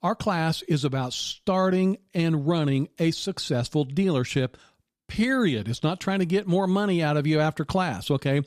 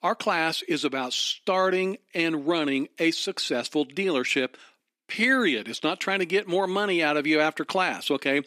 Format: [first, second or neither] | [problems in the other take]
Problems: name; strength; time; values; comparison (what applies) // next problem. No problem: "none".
first | thin; somewhat; fading below 300 Hz